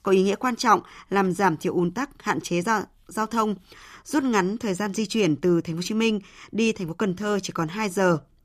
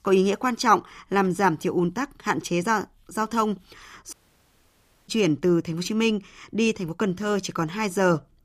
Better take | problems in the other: first | audio cutting out; at 4 s for 1 s

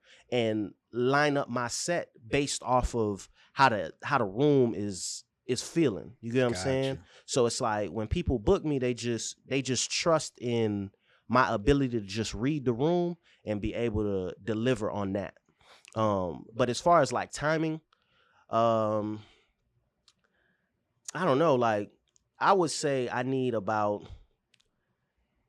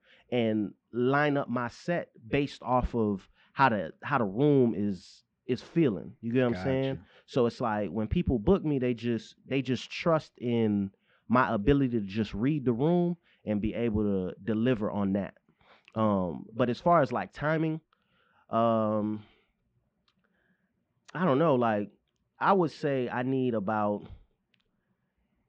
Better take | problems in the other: first | muffled; slightly; fading above 3 kHz

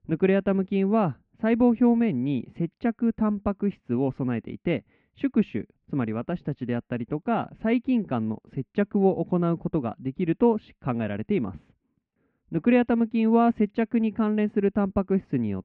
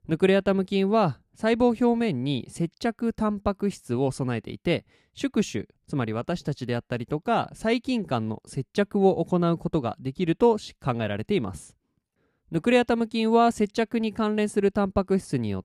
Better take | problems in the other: second | muffled; very; fading above 2.5 kHz

